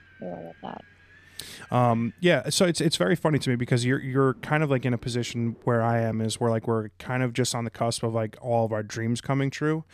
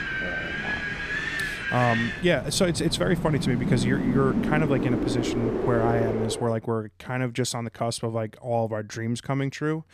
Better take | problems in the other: first | wind in the background; loud; until 6.5 s; 2 dB below the speech; faint in the first

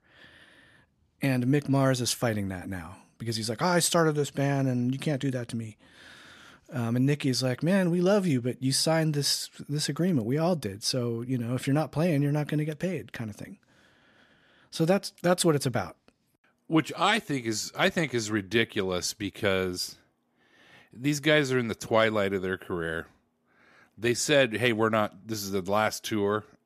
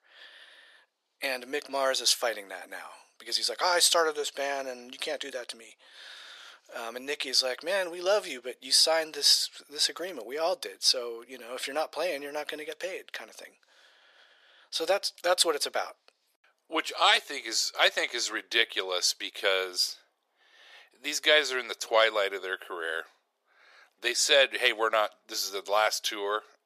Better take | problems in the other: first | thin; very; fading below 500 Hz

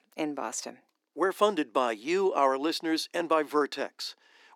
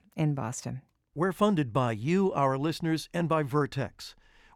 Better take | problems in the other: second | thin; somewhat; fading below 300 Hz

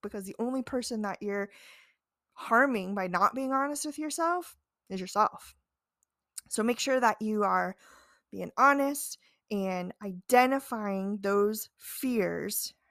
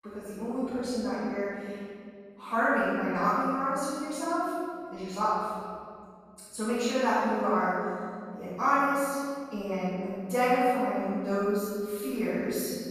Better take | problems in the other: first | room echo; strong; dies away in 2.3 s // off-mic speech; far

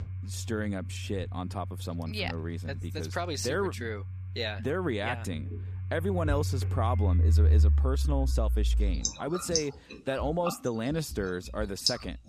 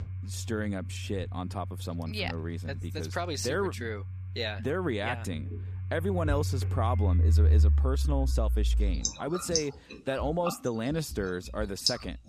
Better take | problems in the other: neither | household noises; very loud; throughout; 3 dB above the speech; the same in both

